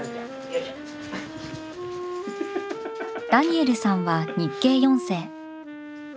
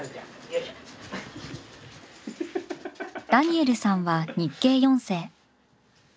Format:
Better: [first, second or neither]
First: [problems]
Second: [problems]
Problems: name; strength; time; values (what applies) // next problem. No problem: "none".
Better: second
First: background sound (Wind instrument, woodwind instrument); 9 dB below the speech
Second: none